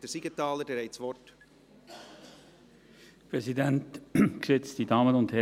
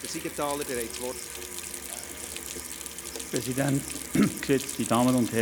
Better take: first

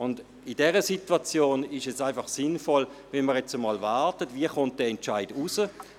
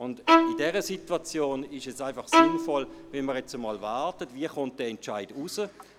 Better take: first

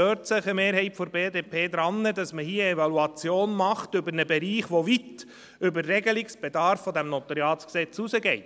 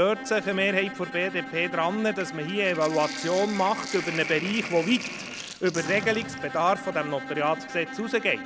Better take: first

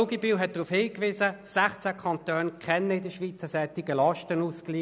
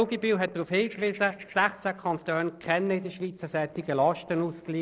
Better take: first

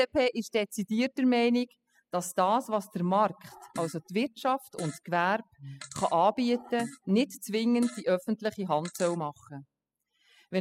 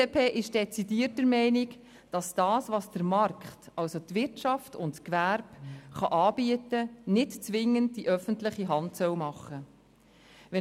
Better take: second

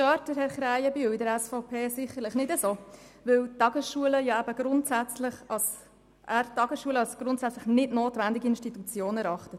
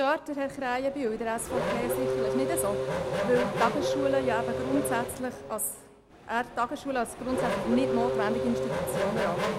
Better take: first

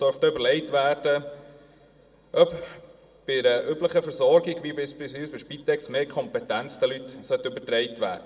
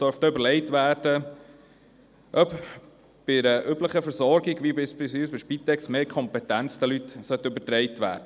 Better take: second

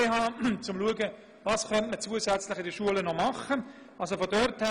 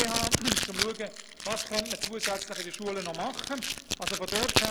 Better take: first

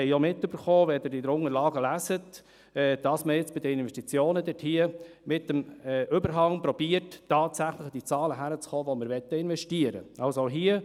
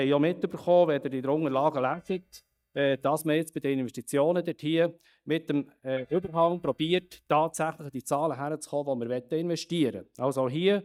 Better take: first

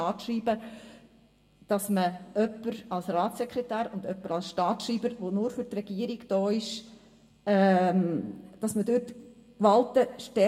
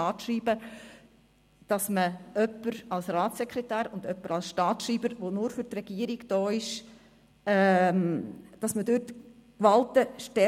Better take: second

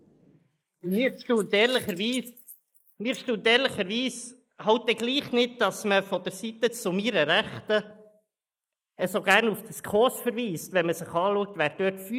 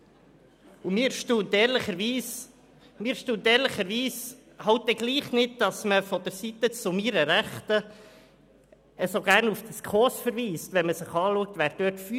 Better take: second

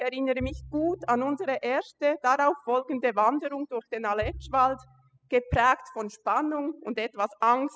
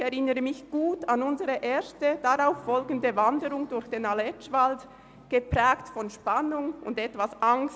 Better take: second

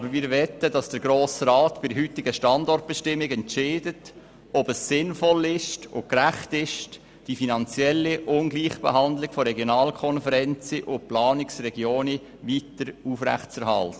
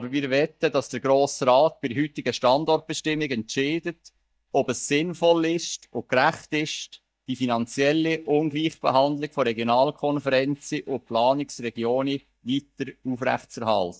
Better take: first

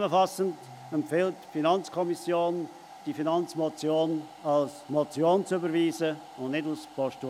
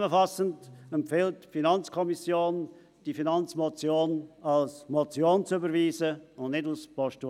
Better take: second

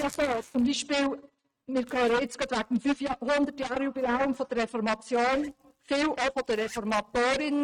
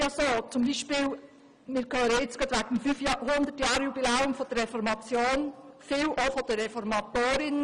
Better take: second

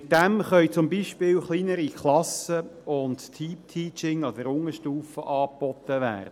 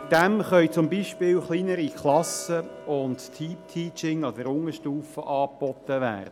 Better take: first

